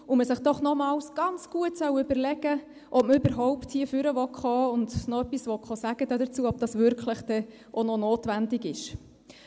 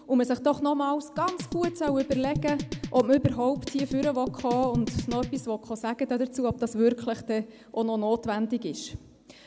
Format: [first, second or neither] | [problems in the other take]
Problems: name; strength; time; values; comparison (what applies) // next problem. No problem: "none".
first | background sound (Drum kit); 8 dB below the speech